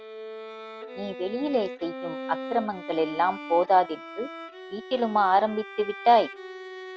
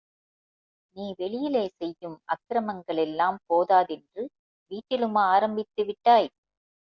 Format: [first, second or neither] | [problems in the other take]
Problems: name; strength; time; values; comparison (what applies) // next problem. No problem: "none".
second | background sound (Bowed string instrument); 12 dB below the speech